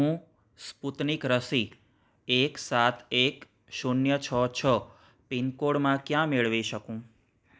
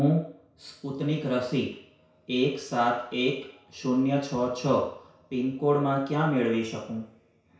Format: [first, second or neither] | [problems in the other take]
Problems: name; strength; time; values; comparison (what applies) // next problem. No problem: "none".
first | room echo; dies away in 0.6 s